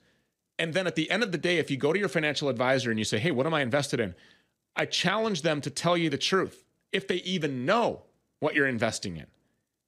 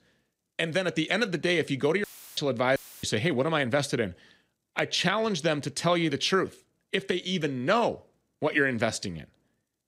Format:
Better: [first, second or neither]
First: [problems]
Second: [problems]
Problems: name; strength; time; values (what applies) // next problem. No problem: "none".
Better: first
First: none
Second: audio cutting out; filled with static; at 2 s and at 3 s